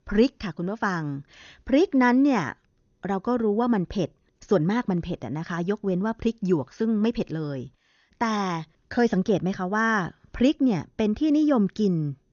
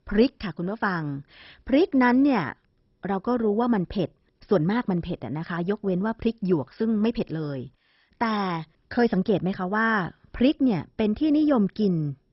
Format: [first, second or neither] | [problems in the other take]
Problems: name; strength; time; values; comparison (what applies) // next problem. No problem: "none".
first | garbled, watery; badly; nothing above 5.5 kHz; slightly in the first